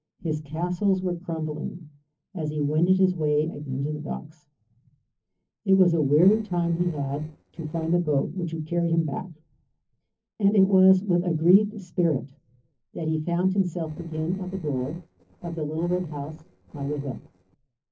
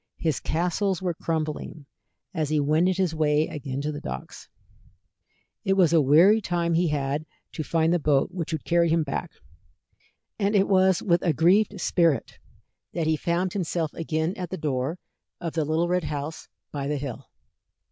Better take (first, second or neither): second